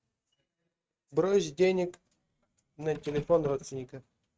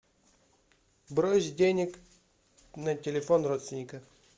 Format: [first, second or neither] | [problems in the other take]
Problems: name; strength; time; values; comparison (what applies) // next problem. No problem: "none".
second | noise reduction (neural mask model RNNoise)